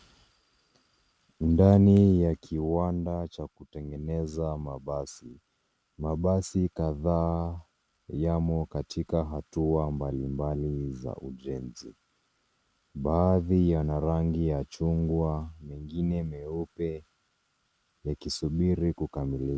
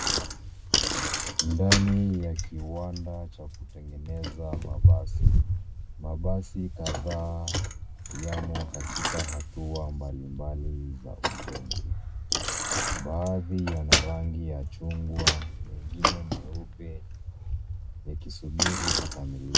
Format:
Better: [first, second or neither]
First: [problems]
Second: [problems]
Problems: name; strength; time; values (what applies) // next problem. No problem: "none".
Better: first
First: none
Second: background sound (Bicycle); 4 dB above the speech // room echo; dies away in 0.3 s